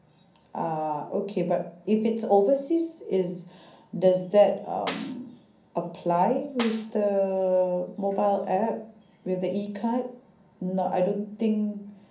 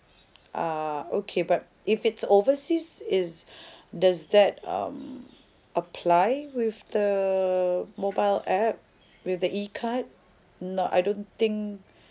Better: second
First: background sound (Snare drum); 15 dB below the speech // room echo; dies away in 0.6 s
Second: none

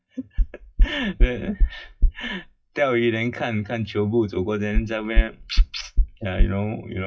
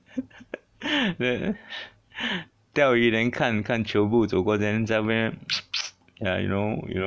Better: second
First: noise reduction (classical method WPE with log-MMSE)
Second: none

